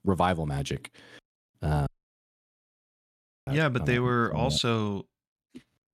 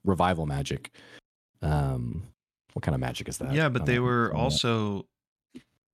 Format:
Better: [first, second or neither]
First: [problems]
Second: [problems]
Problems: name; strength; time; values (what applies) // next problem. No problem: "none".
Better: second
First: audio cutting out; at 2 s for 1.5 s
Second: none